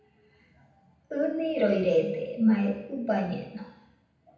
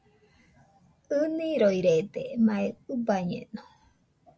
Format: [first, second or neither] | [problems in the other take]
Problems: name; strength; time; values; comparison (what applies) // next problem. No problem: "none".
second | room echo; dies away in 0.8 s